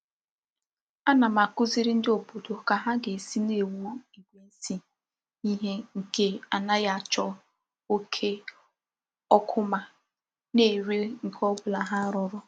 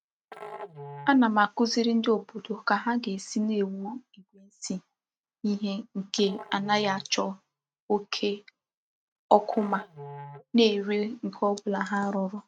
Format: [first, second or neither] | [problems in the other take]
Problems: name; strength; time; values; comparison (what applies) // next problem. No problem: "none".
first | noise reduction (neural mask model RNNoise)